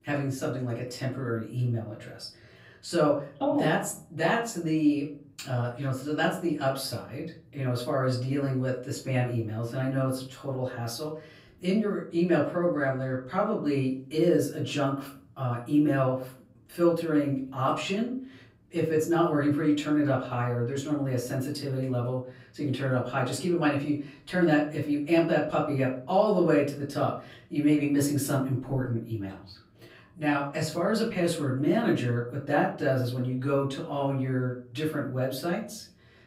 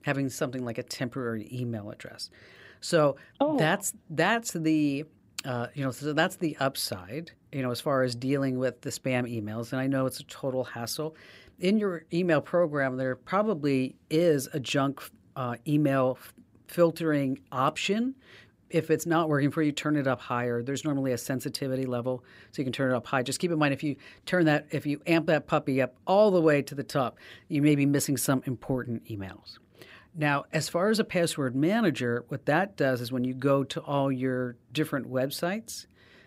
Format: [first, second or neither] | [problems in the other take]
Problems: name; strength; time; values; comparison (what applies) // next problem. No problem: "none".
second | off-mic speech; far // room echo; slight; dies away in 0.4 s